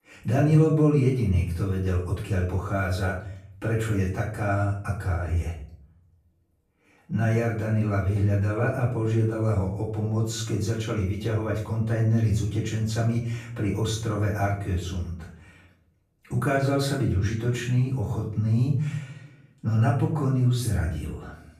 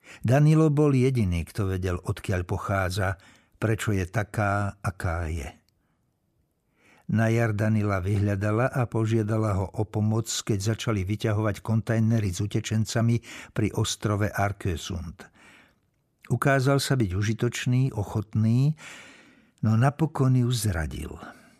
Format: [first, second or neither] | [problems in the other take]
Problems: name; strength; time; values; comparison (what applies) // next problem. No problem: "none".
second | off-mic speech; far // room echo; noticeable; dies away in 0.5 s